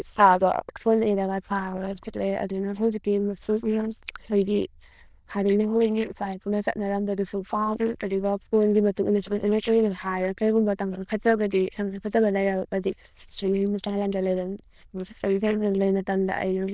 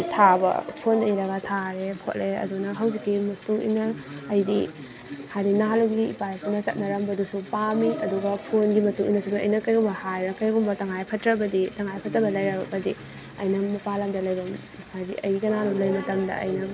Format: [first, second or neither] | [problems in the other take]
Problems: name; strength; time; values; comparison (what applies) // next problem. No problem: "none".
second | noise reduction (neural diffusion model UNIVERSE++)